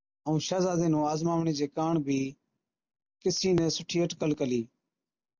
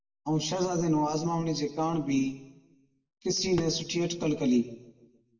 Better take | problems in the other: first | room echo; dies away in 0.7 s

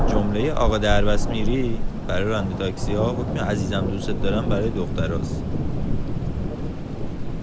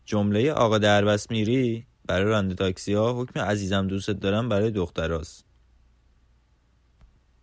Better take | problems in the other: second | background sound (Thunder); 3 dB above the speech

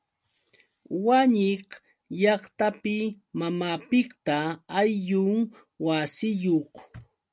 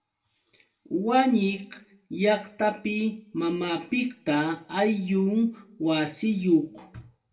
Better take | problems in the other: first | room echo; dies away in 0.3 s

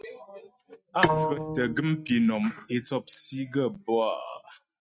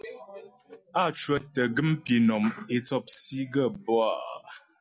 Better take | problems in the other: second | noise reduction (neural mask model RNNoise)

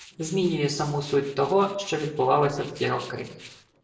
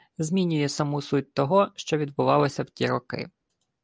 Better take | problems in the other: second | noise reduction (neural separator model SepFormer DNS4)

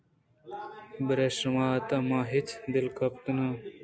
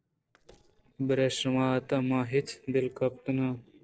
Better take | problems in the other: first | noise reduction (neural separator model SepFormer DNS4)

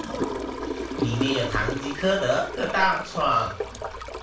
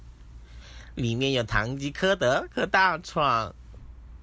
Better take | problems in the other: second | background sound (Toilet flush / Gurgling); 6 dB below the speech // room echo; dies away in 0.3 s

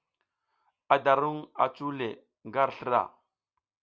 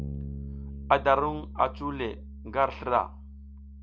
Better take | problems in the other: first | background sound (Bass guitar); 10 dB below the speech

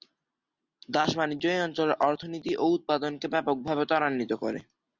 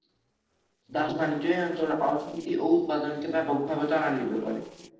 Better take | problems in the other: first | noise reduction (neural separator model SepFormer DNS4)

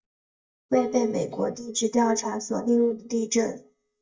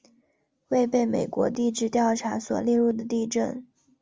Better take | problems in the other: second | noise reduction (neural mask model DeepFilterNet 3)

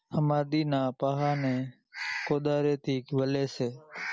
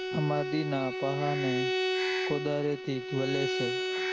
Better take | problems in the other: first | background sound (Bowed string instrument); as loud as the speech

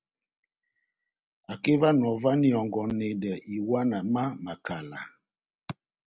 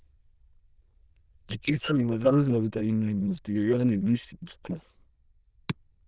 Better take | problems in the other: first | noise reduction (neural diffusion model UNIVERSE++)

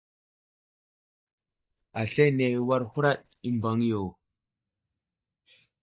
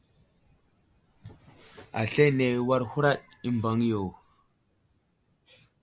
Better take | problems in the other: second | noise reduction (neural mask model DeepFilterNet 3)

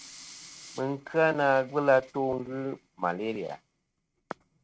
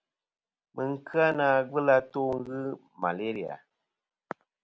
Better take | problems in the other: second | noise reduction (neural mask model RNNoise)

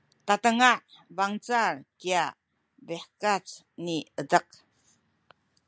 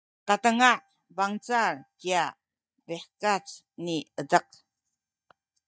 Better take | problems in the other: first | noise reduction (neural mask model DeepFilterNet 3)

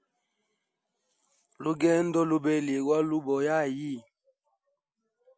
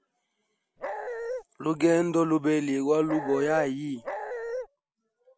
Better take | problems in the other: first | background sound (Dog); 6 dB below the speech

